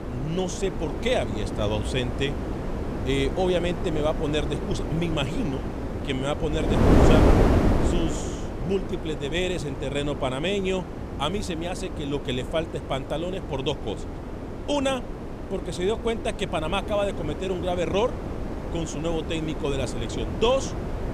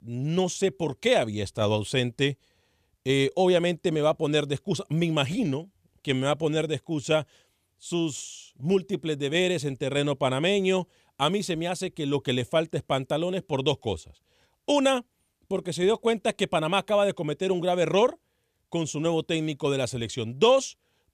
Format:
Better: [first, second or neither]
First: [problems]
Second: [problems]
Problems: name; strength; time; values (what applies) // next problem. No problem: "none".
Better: second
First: wind noise on the microphone; heavy; 4 dB below the speech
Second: none